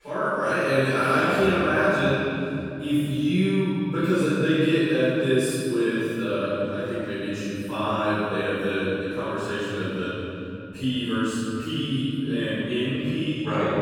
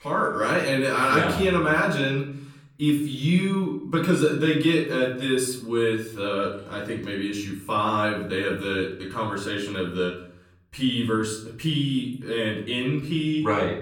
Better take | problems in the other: second | room echo; strong; dies away in 3 s; slight in the second // off-mic speech; far; far in the second

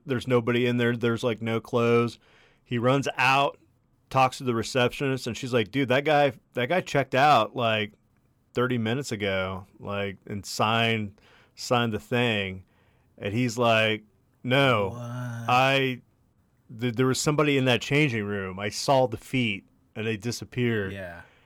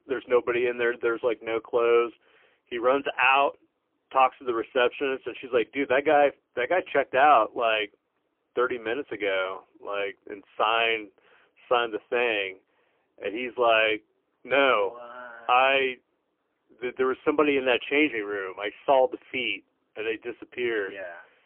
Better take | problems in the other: first | phone-call audio; poor line; nothing above 3 kHz

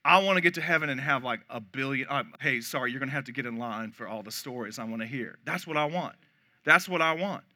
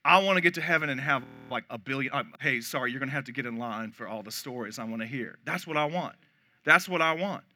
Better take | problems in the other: first | audio freezing; at 1 s

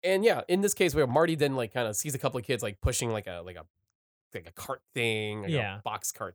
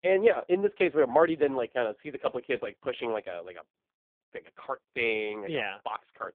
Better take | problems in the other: first | phone-call audio; poor line

